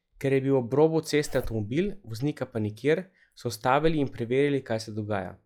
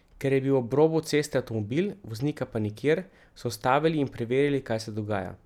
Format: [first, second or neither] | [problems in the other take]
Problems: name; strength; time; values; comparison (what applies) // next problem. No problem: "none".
second | noise reduction (classical method log-MMSE)